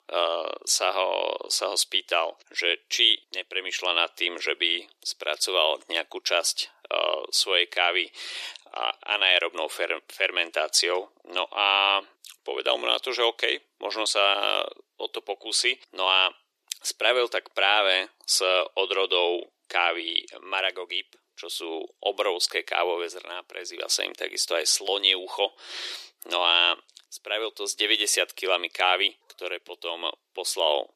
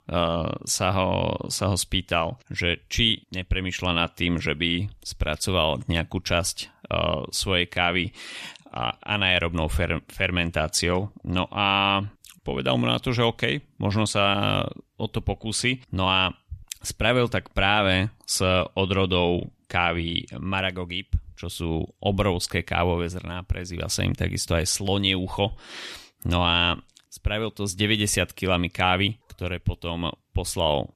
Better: second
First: thin; very; fading below 350 Hz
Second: none

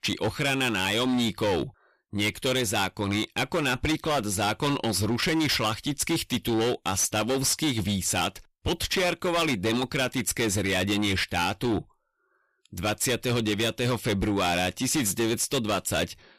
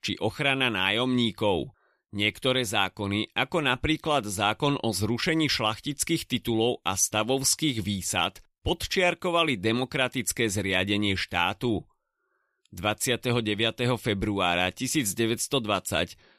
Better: second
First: distortion; heavy; 16% of the sound clipped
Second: none

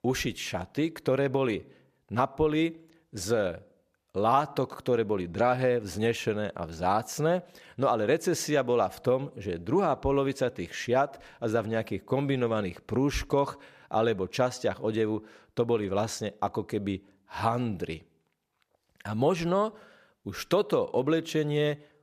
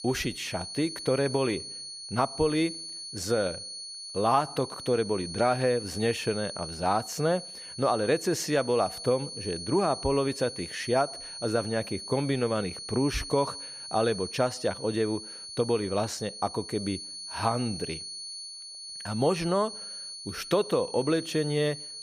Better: first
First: none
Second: high-pitched whine; loud; throughout; 4.5 kHz, 9 dB below the speech

